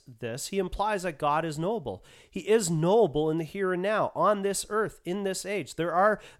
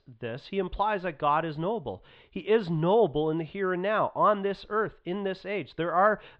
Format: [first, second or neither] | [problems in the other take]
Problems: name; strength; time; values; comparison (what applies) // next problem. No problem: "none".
first | muffled; very; fading above 3.5 kHz